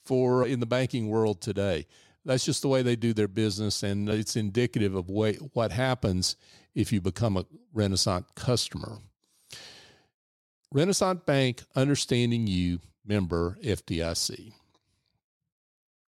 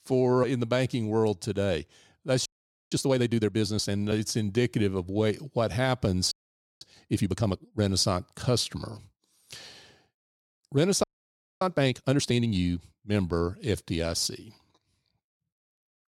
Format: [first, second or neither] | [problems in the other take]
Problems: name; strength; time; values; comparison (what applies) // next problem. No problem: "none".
first | audio freezing; at 2.5 s, at 6.5 s and at 11 s for 0.5 s